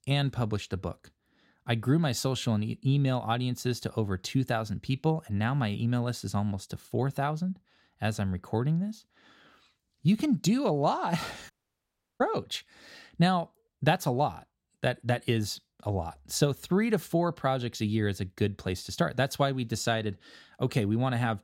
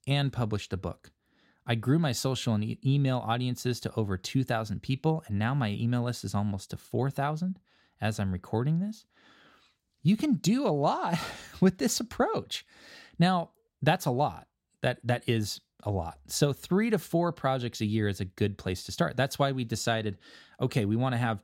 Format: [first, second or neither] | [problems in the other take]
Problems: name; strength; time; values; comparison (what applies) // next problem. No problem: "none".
second | audio cutting out; at 12 s for 0.5 s